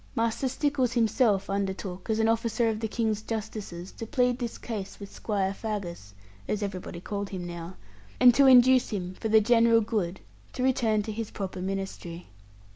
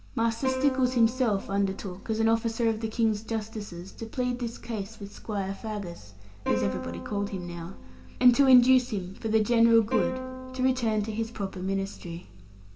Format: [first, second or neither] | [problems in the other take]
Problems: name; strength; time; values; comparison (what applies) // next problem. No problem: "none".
first | background sound (Plucked string instrument); 9 dB below the speech // room echo; dies away in 1.8 s